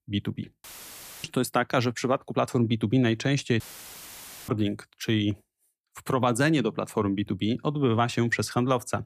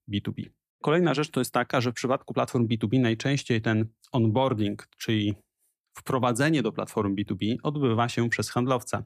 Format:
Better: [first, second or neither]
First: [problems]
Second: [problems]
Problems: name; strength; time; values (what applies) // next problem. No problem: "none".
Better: second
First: audio cutting out; filled with static; at 0.5 s for 0.5 s and at 3.5 s for 1 s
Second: none